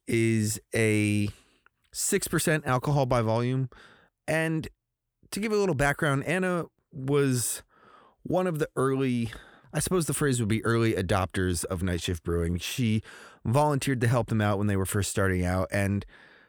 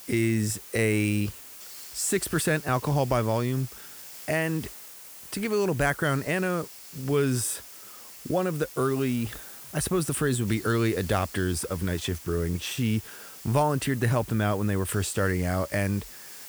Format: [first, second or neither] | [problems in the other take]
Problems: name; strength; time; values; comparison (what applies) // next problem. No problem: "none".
first | hiss; noticeable; throughout; 15 dB below the speech